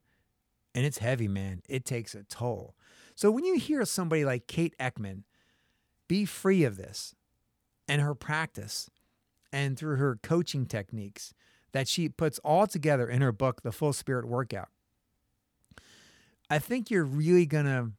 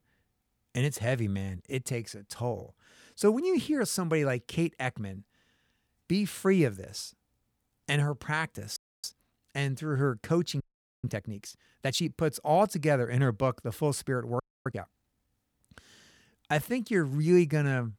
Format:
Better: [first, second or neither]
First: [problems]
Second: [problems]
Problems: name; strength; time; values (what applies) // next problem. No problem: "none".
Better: first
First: none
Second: audio freezing; at 9 s, at 11 s and at 14 s